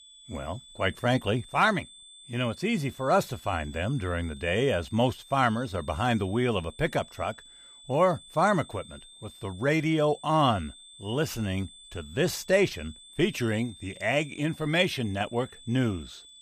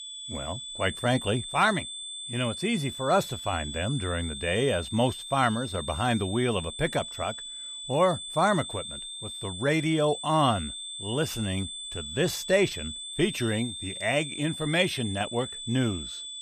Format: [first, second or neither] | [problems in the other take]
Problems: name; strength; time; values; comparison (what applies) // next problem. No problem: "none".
first | high-pitched whine; loud; throughout; 3.5 kHz, 8 dB below the speech; faint in the first